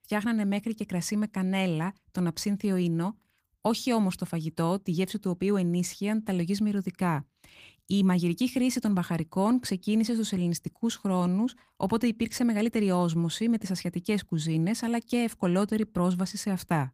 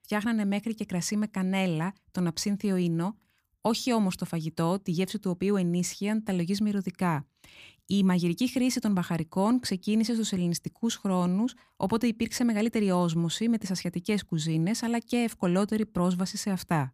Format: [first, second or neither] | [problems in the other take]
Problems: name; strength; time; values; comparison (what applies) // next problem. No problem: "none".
second | garbled, watery; slightly; nothing above 15 kHz